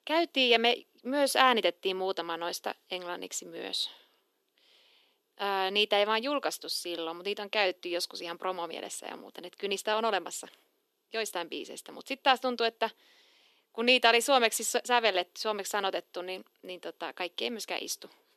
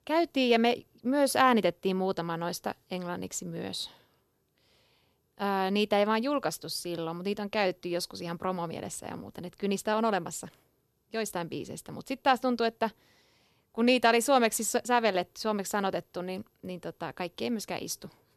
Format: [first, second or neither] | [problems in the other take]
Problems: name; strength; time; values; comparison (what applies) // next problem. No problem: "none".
second | thin; very slightly; fading below 300 Hz